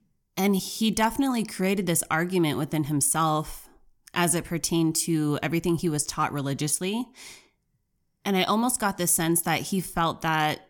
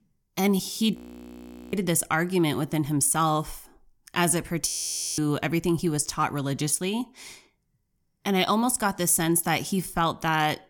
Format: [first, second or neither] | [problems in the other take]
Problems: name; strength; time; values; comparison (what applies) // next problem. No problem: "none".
first | audio freezing; at 1 s for 1 s and at 4.5 s for 0.5 s